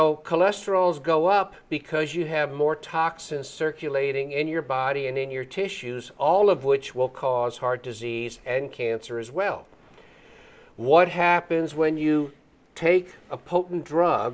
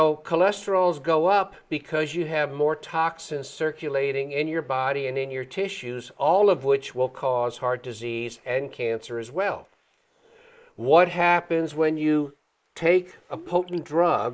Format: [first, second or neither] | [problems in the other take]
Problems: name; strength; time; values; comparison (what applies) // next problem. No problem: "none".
first | noise reduction (neural mask model Resemble Enhance denoiser)